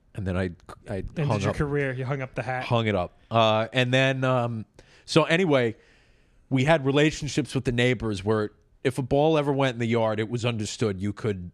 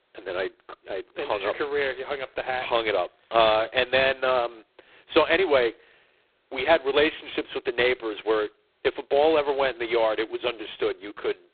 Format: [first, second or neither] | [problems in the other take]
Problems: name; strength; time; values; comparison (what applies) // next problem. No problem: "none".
first | phone-call audio; poor line; nothing above 3.5 kHz